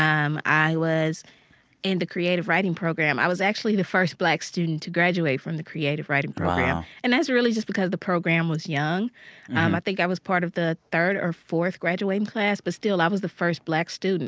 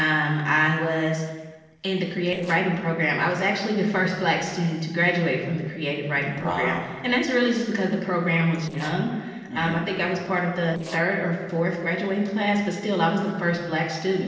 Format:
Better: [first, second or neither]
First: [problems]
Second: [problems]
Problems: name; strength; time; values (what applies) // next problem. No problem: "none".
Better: first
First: none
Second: noise reduction (neural separator model SepFormer DNS4)